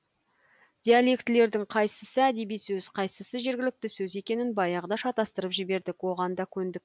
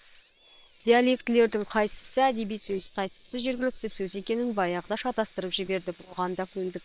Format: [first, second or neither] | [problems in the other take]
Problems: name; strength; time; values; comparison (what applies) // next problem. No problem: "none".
first | noise reduction (neural separator model SepFormer WHAM!)